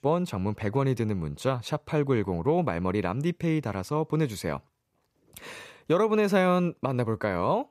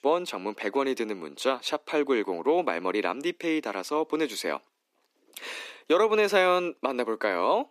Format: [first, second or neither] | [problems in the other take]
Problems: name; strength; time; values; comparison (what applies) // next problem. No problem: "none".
first | thin; somewhat; fading below 250 Hz